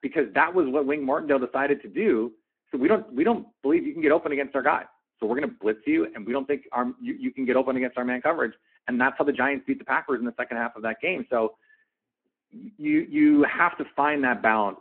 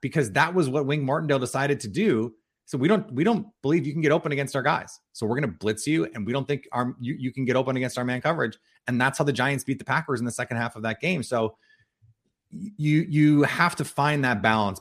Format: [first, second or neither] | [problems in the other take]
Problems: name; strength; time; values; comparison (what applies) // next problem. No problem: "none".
second | phone-call audio